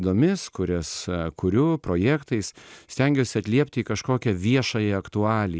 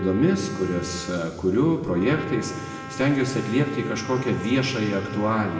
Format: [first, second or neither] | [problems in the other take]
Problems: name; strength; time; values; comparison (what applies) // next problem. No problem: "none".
first | background sound (Trumpet); 15 dB below the speech // room echo; dies away in 2 s